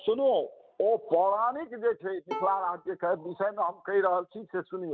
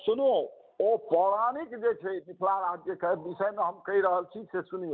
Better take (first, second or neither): second